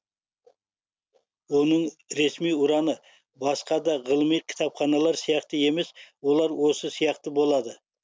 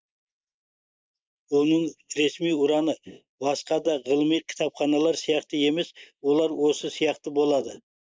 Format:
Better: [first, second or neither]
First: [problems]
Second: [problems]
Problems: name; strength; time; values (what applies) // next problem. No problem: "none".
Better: first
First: none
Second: noise reduction (neural mask model Resemble Enhance denoiser)